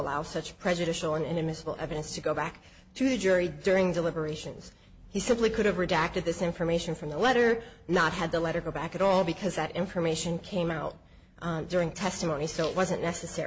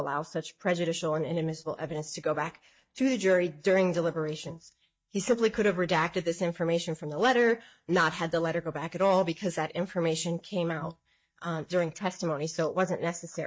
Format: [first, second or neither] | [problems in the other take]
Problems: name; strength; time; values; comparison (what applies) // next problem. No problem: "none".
first | noise reduction (neural mask model DeepFilterNet 3)